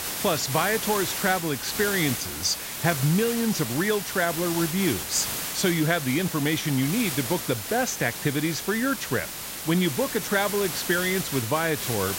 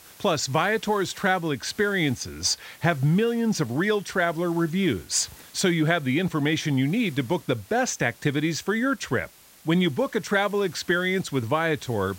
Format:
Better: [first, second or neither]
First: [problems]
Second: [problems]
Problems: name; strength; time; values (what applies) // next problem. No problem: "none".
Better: second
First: hiss; loud; throughout; 4 dB below the speech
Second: hiss; faint; throughout; 25 dB below the speech